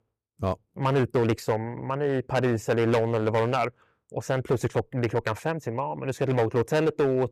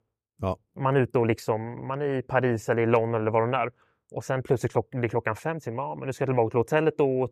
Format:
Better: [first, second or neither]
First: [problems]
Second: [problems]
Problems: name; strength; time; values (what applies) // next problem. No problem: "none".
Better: second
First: distortion; slight; 6% of the sound clipped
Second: none